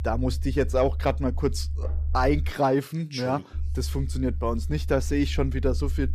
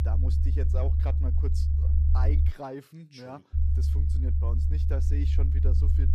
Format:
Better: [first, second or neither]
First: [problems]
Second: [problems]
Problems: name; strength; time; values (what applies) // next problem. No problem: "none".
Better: first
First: low rumble; faint; until 2.5 s and from 3.5 s on; 20 dB below the speech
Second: low rumble; loud; until 2.5 s and from 3.5 s on; 2 dB below the speech